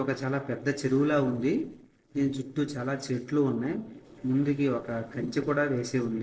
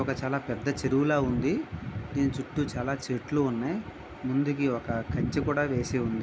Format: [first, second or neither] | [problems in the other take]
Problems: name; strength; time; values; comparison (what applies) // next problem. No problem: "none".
second | noise reduction (neural separator model SepFormer DNS4)